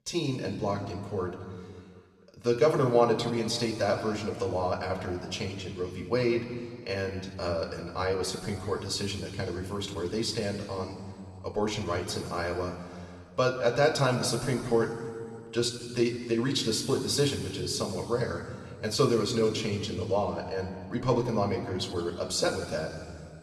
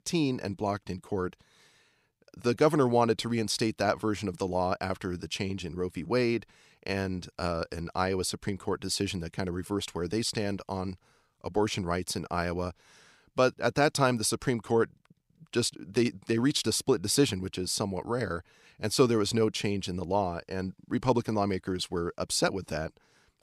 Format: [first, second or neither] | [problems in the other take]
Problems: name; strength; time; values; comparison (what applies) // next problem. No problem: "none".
second | room echo; noticeable; dies away in 2.1 s // off-mic speech; somewhat distant